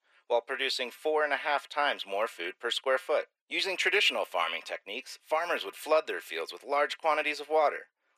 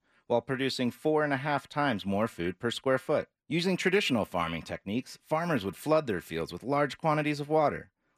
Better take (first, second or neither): second